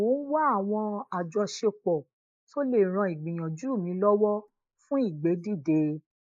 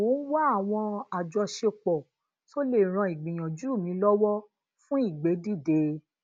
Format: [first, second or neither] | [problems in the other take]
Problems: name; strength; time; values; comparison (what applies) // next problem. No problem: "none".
second | noise reduction (neural mask model Resemble Enhance denoiser)